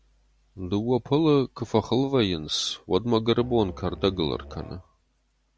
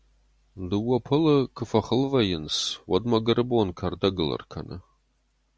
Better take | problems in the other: second | background sound (Musical instrument); 18 dB below the speech

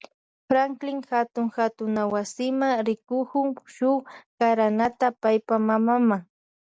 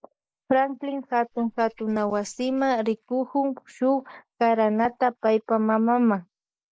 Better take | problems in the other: first | noise reduction (neural mask model Resemble Enhance denoiser)

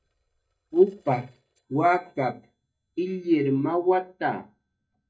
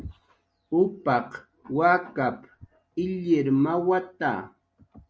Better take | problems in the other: second | noise reduction (neural mask model DeepFilterNet 3)

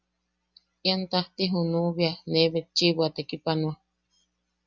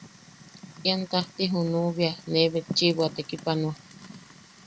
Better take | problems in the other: first | background sound (Fire); 16 dB below the speech

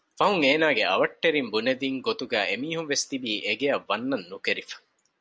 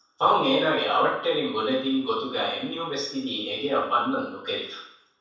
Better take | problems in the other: first | room echo; dies away in 0.7 s

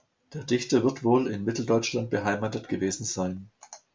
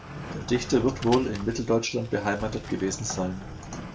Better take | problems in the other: first | background sound (Sliding door); 11 dB below the speech

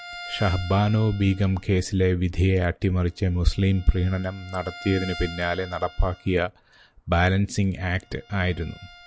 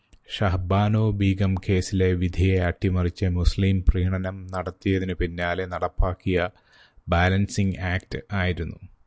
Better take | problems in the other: second | background sound (Bowed string instrument); 19 dB below the speech

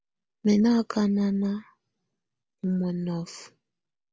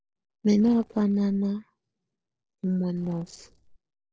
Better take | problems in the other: first | noise reduction (neural separator model SepFormer DNS4)

